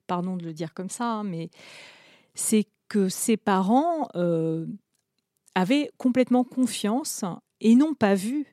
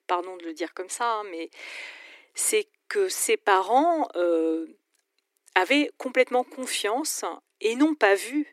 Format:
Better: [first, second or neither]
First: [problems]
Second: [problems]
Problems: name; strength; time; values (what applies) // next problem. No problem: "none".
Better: first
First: none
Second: thin; somewhat; fading below 300 Hz